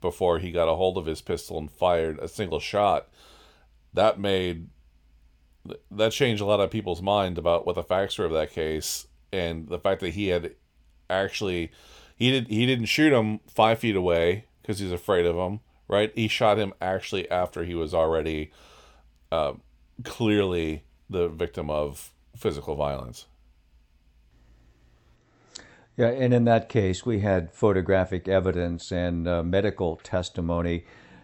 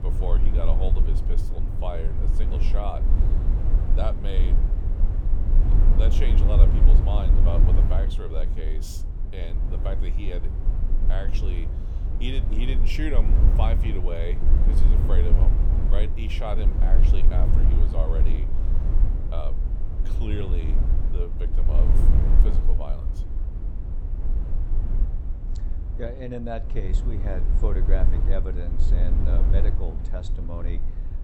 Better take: first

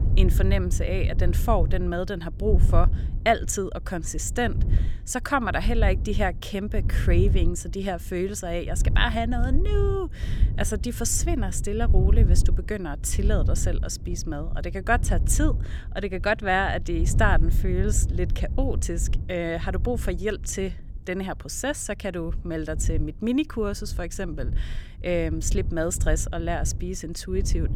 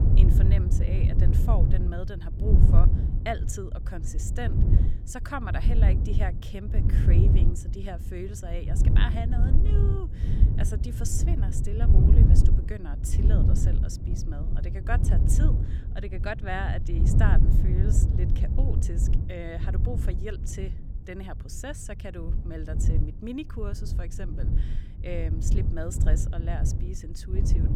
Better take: first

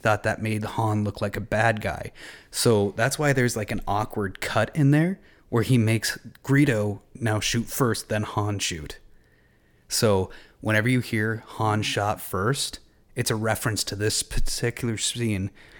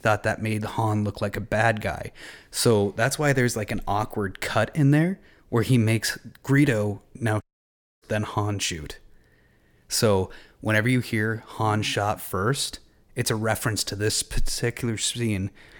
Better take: first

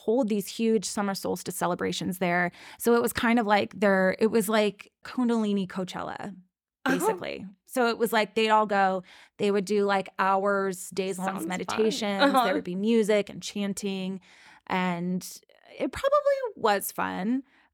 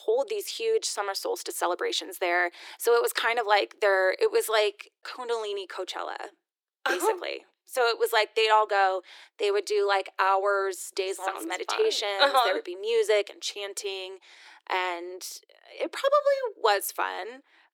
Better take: first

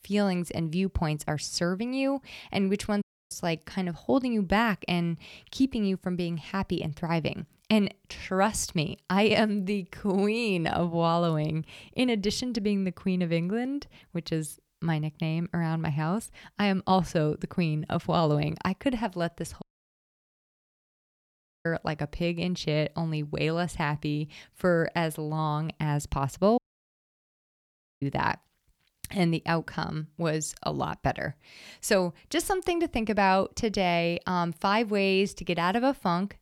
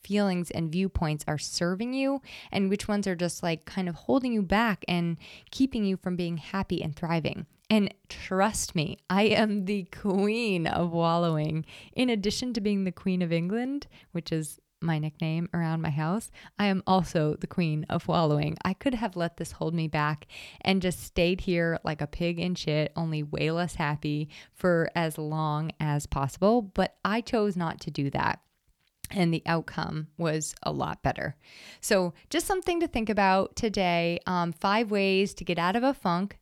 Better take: second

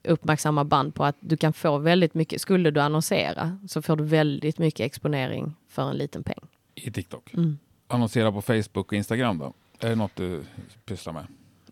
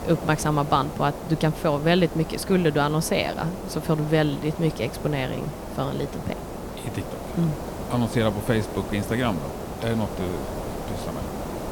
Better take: first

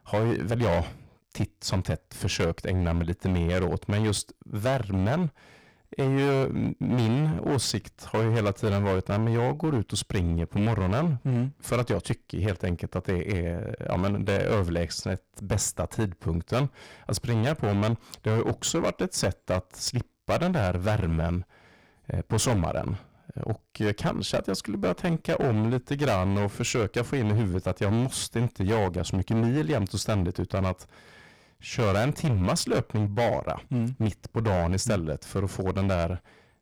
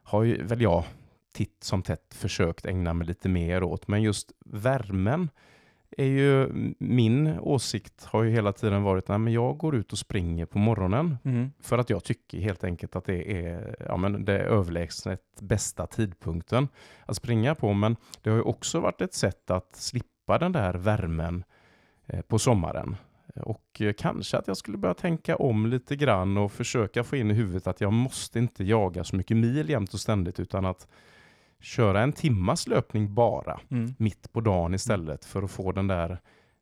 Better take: second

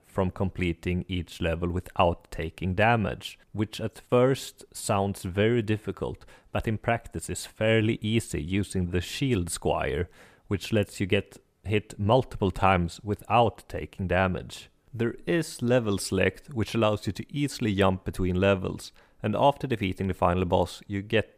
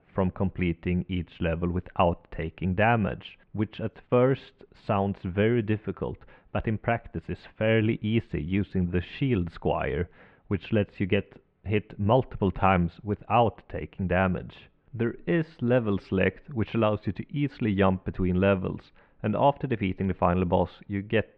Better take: first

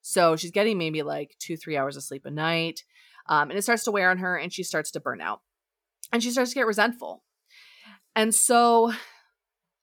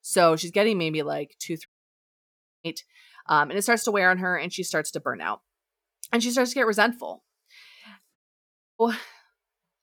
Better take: first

